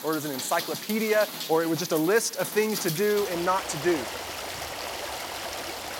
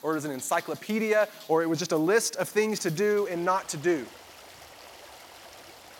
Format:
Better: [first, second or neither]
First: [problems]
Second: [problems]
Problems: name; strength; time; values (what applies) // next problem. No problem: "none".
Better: second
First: rain or running water; loud; throughout; 7 dB below the speech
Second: rain or running water; faint; throughout; 20 dB below the speech